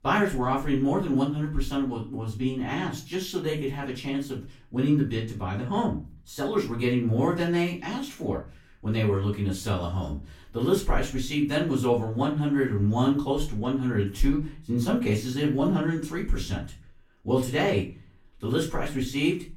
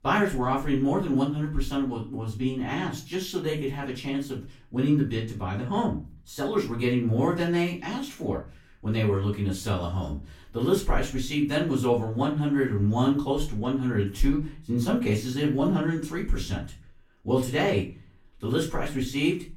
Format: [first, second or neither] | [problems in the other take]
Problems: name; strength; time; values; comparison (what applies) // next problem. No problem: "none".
neither | room echo; slight; dies away in 0.3 s; the same in both // off-mic speech; far; the same in both